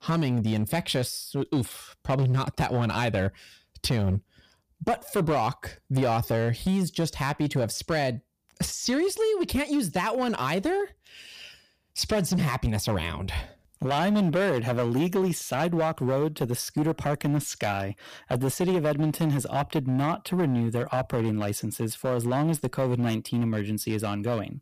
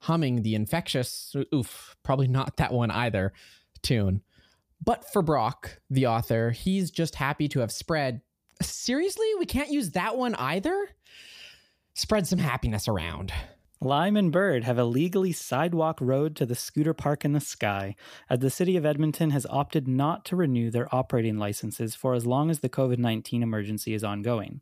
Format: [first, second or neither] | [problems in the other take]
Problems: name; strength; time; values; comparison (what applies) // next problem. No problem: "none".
second | distortion; slight; 9% of the sound clipped